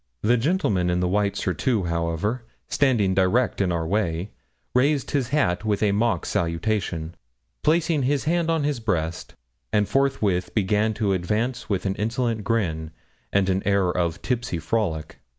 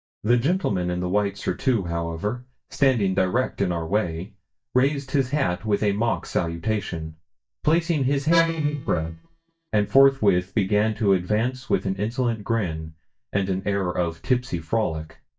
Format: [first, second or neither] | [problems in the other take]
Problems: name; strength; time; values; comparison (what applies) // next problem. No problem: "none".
first | noise reduction (neural mask model DeepFilterNet 3)